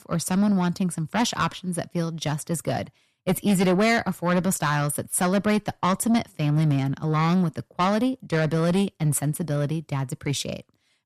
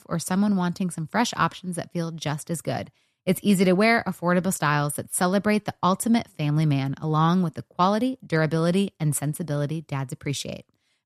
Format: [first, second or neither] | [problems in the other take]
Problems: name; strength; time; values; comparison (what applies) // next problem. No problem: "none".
second | distortion; slight; 10 dB below the speech